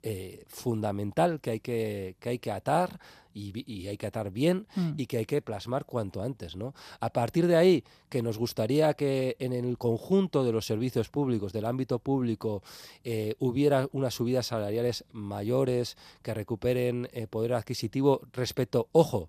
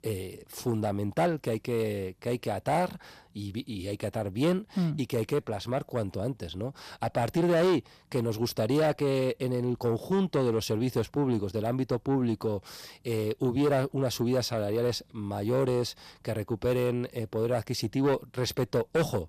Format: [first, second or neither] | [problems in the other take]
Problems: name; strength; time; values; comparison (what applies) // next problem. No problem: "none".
first | distortion; slight; 10 dB below the speech